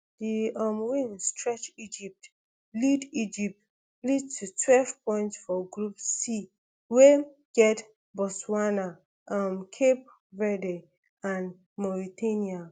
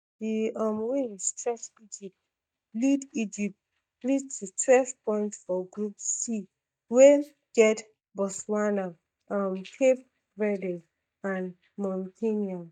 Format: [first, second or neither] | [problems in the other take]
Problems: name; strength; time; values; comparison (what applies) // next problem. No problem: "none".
first | noise reduction (neural mask model DeepFilterNet 3)